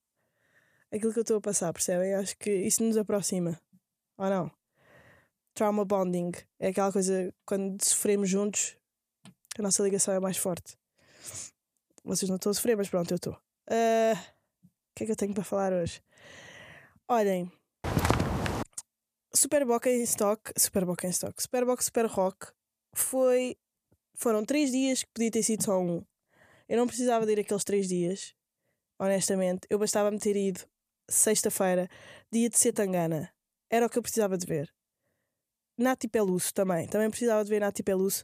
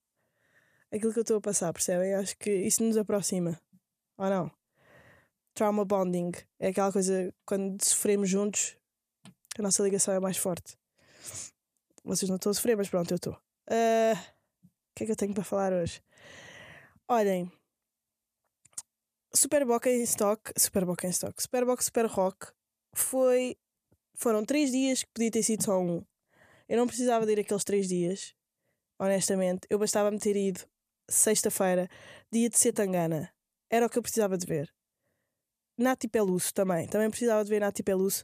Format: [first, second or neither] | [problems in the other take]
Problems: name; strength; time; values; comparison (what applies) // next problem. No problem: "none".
second | footsteps; loud; at 18 s; peak 1 dB above the speech